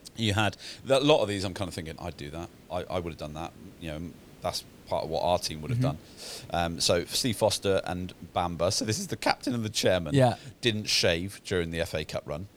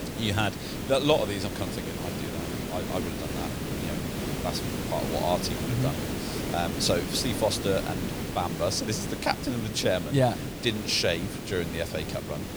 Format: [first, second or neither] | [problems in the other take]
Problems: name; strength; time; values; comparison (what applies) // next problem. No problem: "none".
first | hiss; loud; throughout; 4 dB below the speech; faint in the first